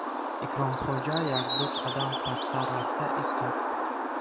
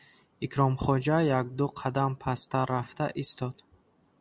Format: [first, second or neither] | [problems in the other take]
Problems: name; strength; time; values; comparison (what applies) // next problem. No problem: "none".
second | background sound (Bird); 4 dB above the speech